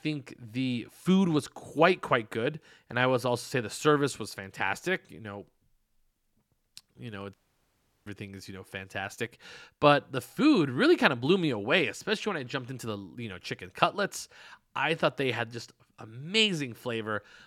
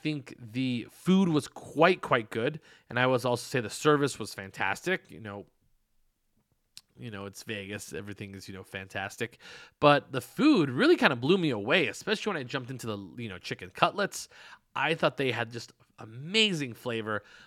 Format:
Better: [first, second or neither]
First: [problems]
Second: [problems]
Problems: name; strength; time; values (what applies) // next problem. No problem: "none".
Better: second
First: audio cutting out; at 7.5 s for 0.5 s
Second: none